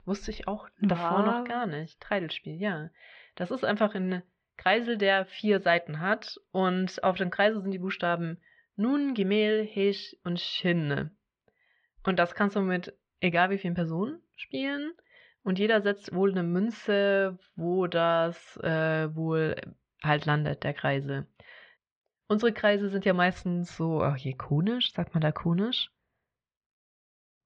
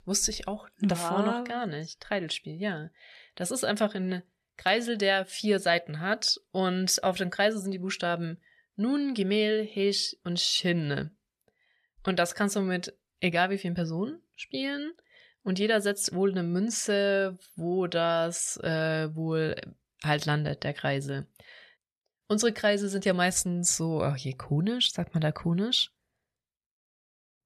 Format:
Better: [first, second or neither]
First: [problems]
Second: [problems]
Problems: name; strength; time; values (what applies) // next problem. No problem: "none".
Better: second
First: muffled; very; fading above 3 kHz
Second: none